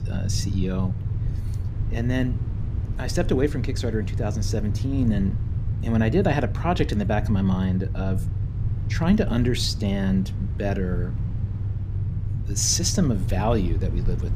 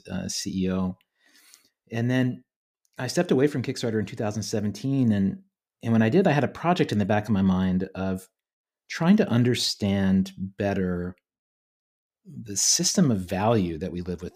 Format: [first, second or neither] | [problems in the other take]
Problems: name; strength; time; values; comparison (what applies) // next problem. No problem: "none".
second | low rumble; noticeable; throughout; 15 dB below the speech